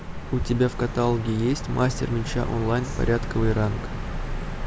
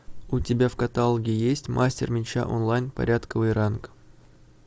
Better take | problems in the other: second | background sound (Bird vocalization, bird call, bird song); 4 dB below the speech

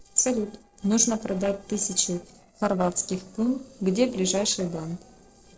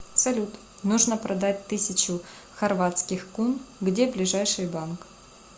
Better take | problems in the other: second | noise reduction (neural separator model SepFormer DNS4)

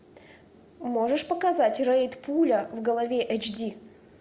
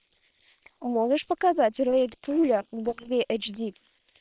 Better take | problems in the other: first | noise reduction (neural separator model SepFormer WHAM!)

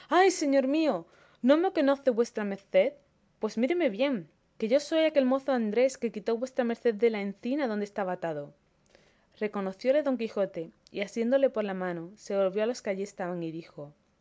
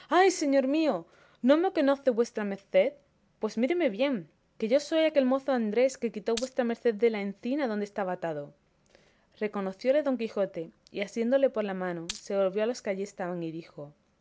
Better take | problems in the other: first | background sound (Glass); 14 dB below the speech

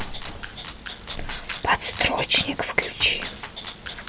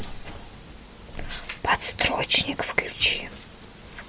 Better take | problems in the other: second | background sound (Rattle (instrument)); 11 dB below the speech

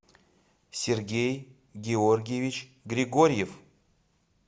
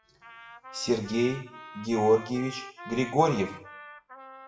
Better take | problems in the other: first | noise reduction (classical method WPE with log-MMSE)

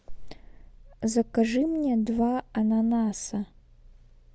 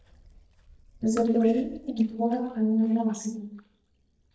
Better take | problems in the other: first | noise reduction (neural mask model DeepFilterNet 3)

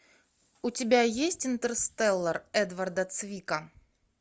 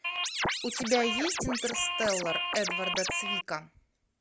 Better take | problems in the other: first | background sound (Scratching (performance technique)); 1 dB above the speech

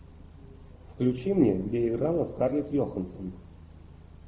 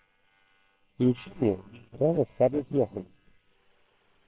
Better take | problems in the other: first | noise reduction (neural separator model SepFormer WHAM!)

